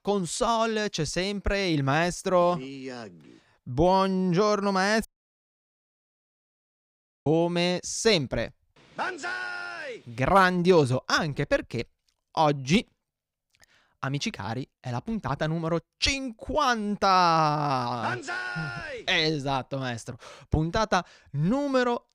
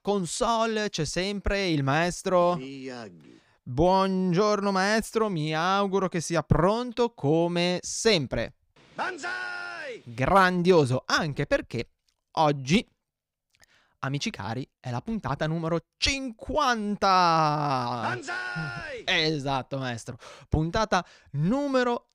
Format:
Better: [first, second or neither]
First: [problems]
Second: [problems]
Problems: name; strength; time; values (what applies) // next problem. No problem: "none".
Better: second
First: audio cutting out; at 5 s for 2 s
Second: none